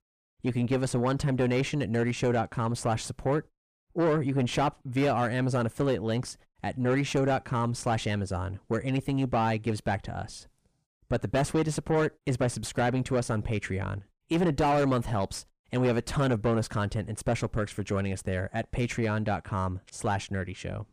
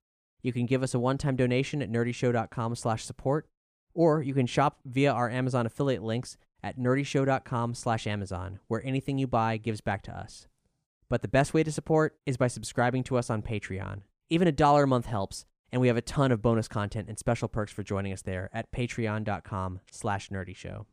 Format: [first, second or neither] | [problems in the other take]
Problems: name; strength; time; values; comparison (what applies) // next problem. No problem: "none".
second | distortion; heavy; 7 dB below the speech